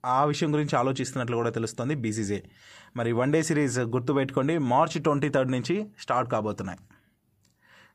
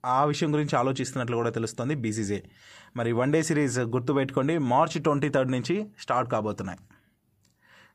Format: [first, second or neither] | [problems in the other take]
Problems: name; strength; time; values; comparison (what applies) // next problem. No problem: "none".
neither | none